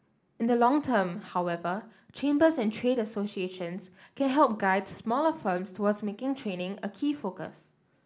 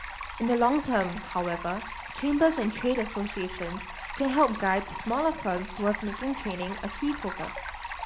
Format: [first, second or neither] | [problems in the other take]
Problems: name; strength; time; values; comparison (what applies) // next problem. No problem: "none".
first | background sound (Stream); 9 dB below the speech